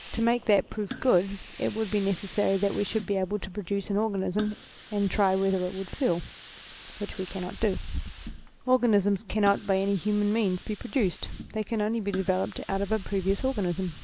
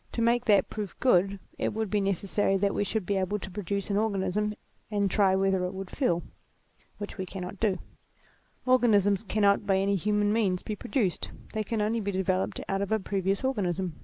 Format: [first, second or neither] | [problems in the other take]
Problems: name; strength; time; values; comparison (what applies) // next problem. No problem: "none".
second | background sound (Hiss); 14 dB below the speech